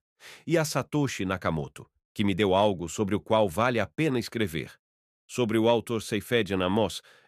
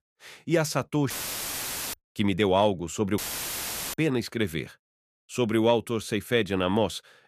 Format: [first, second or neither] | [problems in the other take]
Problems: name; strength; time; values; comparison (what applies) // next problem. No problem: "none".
first | audio cutting out; filled with static; at 1 s for 1 s and at 3 s for 1 s